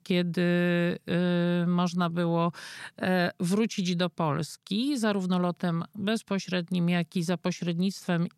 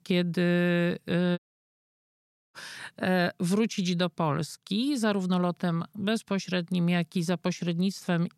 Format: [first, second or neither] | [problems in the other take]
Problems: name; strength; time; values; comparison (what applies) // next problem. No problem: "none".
first | audio cutting out; at 1.5 s for 1 s